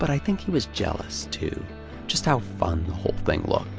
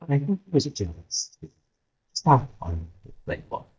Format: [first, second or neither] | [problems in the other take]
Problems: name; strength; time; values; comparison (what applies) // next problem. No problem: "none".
first | noise reduction (neural mask model DeepFilterNet 3)